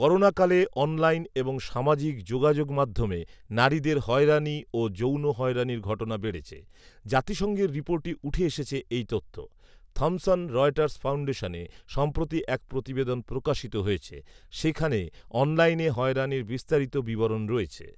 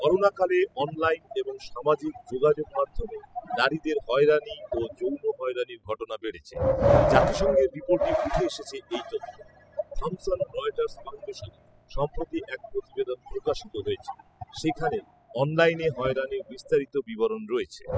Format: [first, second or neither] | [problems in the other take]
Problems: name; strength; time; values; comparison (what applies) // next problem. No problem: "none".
first | noise reduction (classical method spectral subtraction)